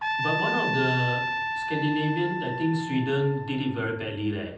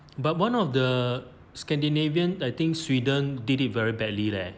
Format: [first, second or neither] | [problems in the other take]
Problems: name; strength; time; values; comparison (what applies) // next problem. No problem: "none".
second | background sound (Trumpet); 3 dB below the speech // room echo; dies away in 0.6 s